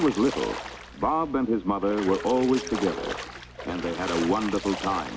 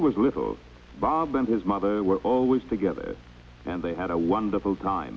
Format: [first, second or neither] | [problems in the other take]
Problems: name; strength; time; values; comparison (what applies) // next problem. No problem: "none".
second | background sound (Splash, splatter + Telephone); 10 dB below the speech